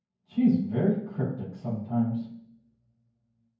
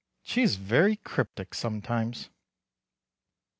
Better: second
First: room echo; dies away in 0.9 s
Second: none

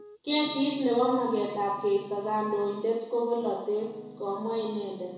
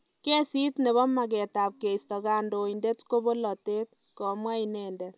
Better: second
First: background sound (Piano); 19 dB below the speech // room echo; dies away in 1 s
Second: none

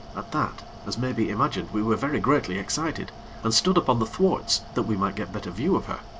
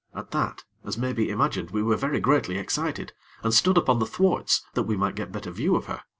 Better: second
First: background sound (Mechanical fan); 15 dB below the speech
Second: none

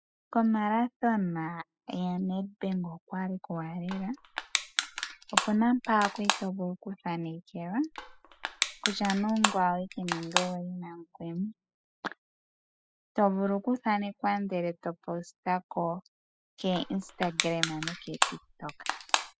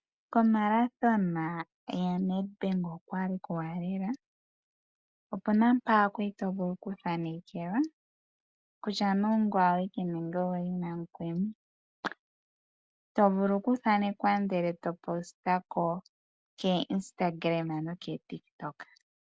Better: second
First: noise reduction (classical method spectral subtraction)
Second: none

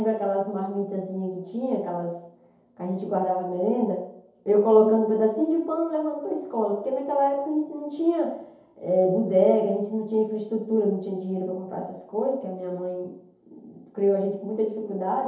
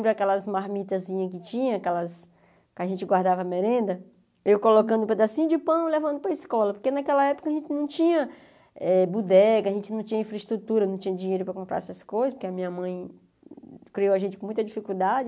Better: second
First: room echo; dies away in 0.8 s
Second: none

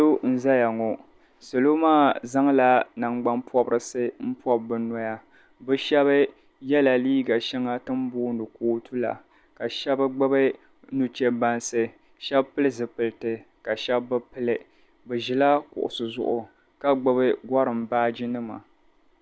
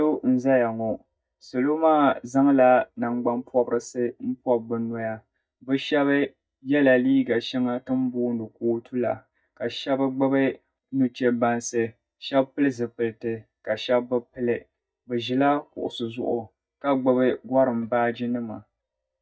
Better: first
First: none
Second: noise reduction (neural mask model DeepFilterNet 3)

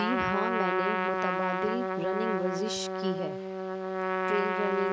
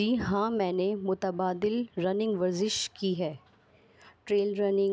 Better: second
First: background sound (Trumpet); 2 dB above the speech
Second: none

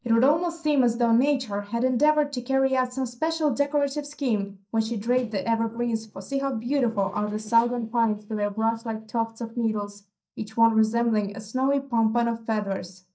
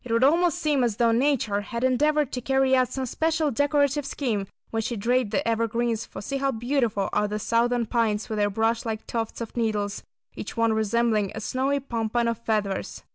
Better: second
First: noise reduction (neural mask model DeepFilterNet 3)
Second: none

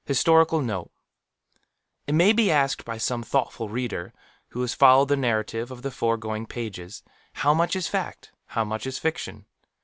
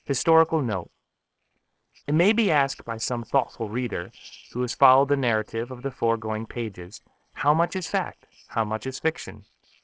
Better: first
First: none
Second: noise reduction (neural separator model SepFormer DNS4)

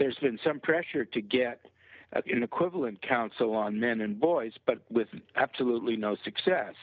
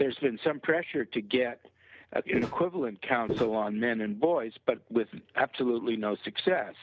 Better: first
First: none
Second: background sound (Walk, footsteps); 5 dB below the speech

